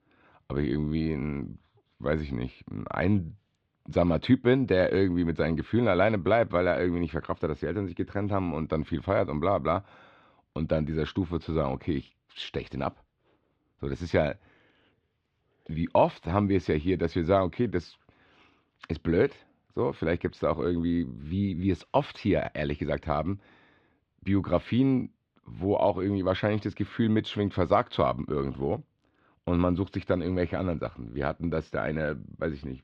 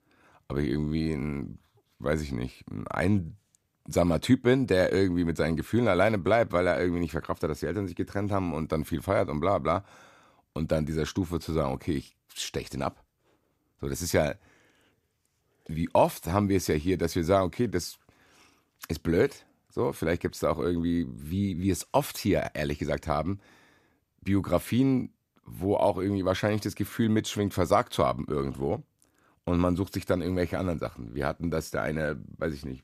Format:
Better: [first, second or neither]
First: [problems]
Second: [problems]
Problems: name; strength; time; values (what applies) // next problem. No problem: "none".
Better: second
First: muffled; slightly; fading above 3.5 kHz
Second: none